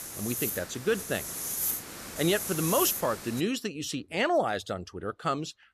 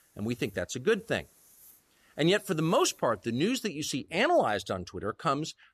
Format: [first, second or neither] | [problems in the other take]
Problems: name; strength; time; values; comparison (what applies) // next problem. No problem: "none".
second | hiss; loud; until 3.5 s; 2 dB below the speech; faint in the second